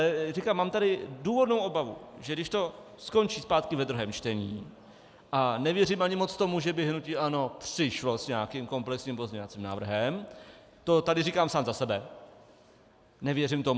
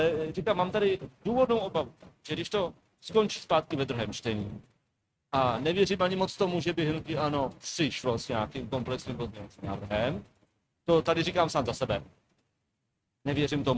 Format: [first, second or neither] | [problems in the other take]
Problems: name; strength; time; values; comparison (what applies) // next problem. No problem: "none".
first | noise reduction (neural mask model RNNoise)